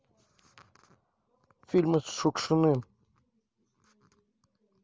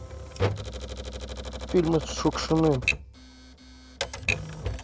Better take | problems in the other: first | background sound (Typewriter); 3 dB below the speech

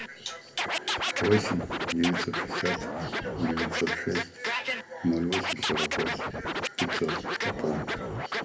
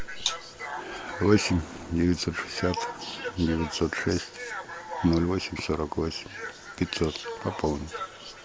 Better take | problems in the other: second | background sound (Scratching (performance technique)); as loud as the speech // room echo; dies away in 0.3 s

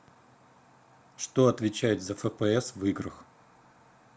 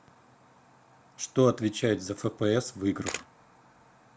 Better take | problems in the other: first | background sound (Camera); 13 dB below the speech

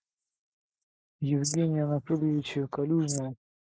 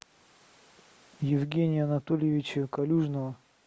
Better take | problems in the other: second | noise reduction (neural mask model Resemble Enhance denoiser)

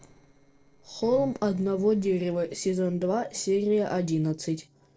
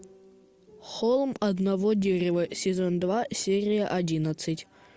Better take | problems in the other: second | noise reduction (neural separator model SepFormer DNS4)

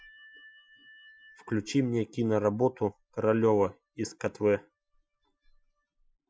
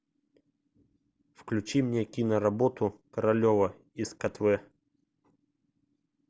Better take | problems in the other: second | noise reduction (classical method Wiener filter)

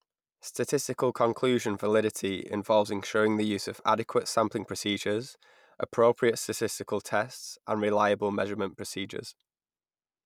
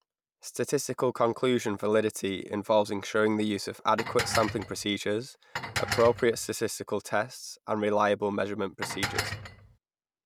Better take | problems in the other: first | background sound (Dishes, pots, and pans); 7 dB below the speech

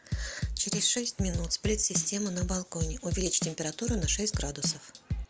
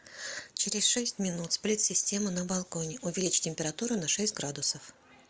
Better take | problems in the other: second | background sound (Drum / Drum kit); 3 dB below the speech

